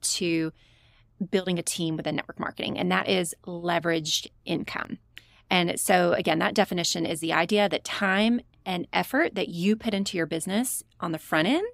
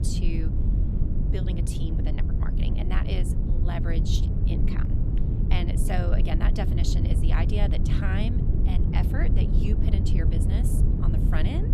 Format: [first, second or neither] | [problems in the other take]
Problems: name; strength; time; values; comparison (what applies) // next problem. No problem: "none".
first | low rumble; loud; throughout; 1 dB below the speech